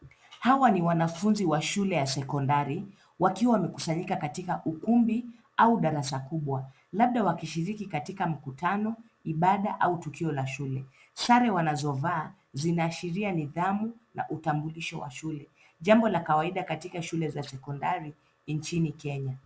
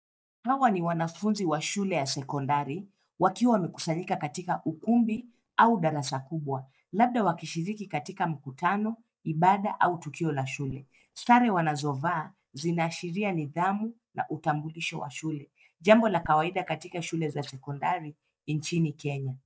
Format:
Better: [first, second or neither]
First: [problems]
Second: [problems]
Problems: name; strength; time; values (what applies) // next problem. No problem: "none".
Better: first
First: none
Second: noise reduction (neural mask model DeepFilterNet 3)